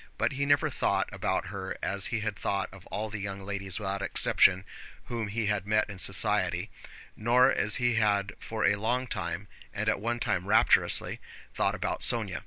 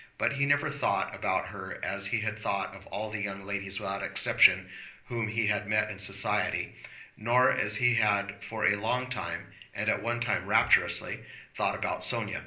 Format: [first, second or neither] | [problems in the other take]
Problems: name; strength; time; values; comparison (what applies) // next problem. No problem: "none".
first | room echo; dies away in 0.5 s